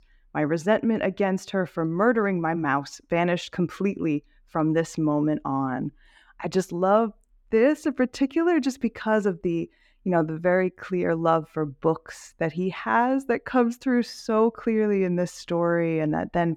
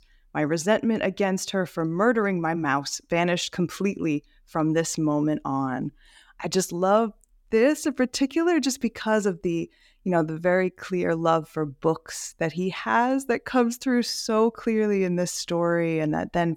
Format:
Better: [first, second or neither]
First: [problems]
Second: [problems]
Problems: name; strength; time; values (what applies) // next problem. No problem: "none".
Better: second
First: muffled; slightly; fading above 3.5 kHz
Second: none